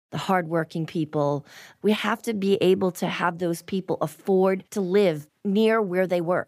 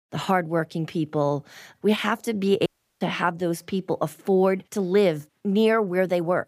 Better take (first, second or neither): first